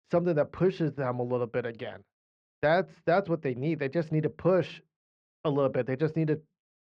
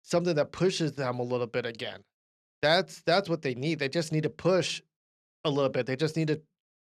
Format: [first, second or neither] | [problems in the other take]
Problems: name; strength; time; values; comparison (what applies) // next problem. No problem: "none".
second | muffled; very; fading above 1.5 kHz